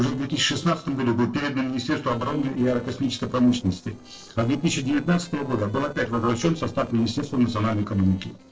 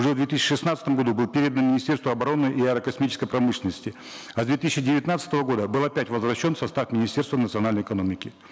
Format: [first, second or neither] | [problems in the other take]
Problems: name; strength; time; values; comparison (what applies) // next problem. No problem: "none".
second | noise reduction (neural separator model SepFormer DNS4)